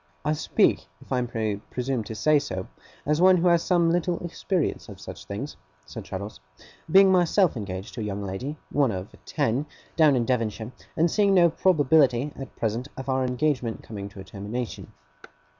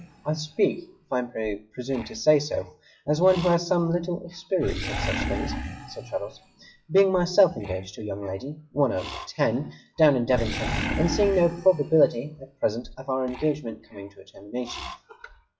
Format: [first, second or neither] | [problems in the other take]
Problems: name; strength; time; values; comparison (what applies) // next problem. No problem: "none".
first | noise reduction (classical method WPE with log-MMSE)